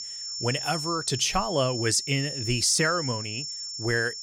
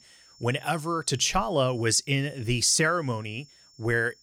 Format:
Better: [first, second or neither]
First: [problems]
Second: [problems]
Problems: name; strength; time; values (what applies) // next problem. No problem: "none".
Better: second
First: high-pitched whine; loud; throughout; 5.5 kHz, 5 dB below the speech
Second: high-pitched whine; faint; throughout; 5.5 kHz, 25 dB below the speech